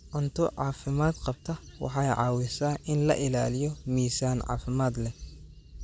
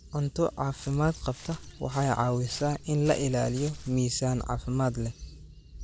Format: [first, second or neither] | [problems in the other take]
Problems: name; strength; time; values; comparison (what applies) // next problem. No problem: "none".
first | background sound (Walk, footsteps); 18 dB below the speech